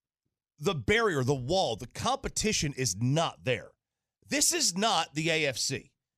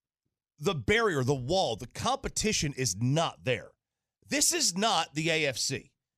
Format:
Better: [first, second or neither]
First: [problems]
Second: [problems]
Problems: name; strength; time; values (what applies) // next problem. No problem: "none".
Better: neither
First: none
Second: none